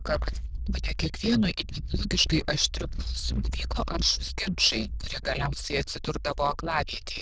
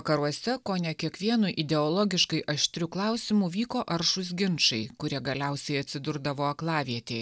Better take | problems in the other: second | noise reduction (neural diffusion model UNIVERSE++)

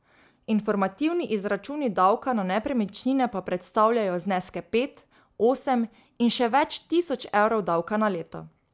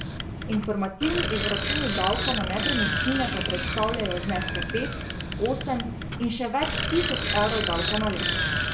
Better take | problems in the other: first | background sound (Bicycle); as loud as the speech // room echo; dies away in 0.5 s

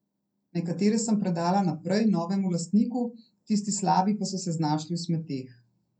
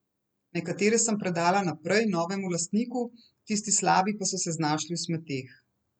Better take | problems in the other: second | room echo; dies away in 0.2 s

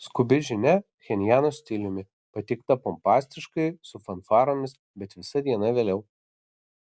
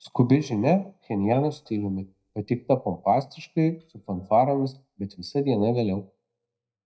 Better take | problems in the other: first | noise reduction (neural mask model DeepFilterNet 3)

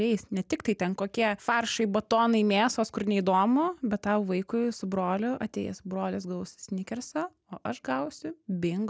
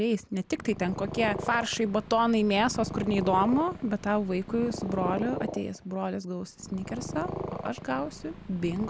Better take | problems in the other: first | background sound (Purr); 9 dB below the speech

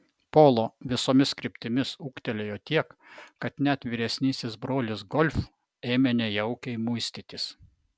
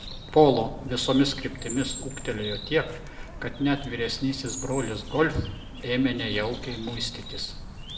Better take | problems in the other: first | background sound (Bird); 10 dB below the speech // room echo; dies away in 0.6 s

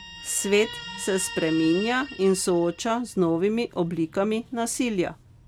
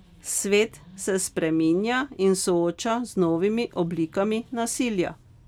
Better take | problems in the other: second | background sound (Guitar); 16 dB below the speech

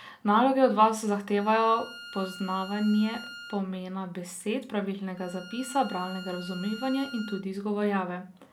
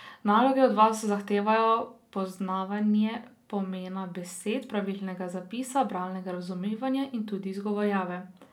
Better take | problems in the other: second | background sound (Bowed string instrument); 17 dB below the speech

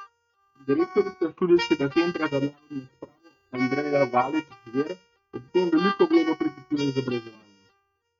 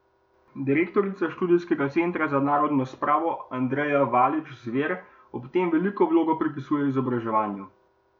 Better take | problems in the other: second | noise reduction (neural mask model RNNoise)

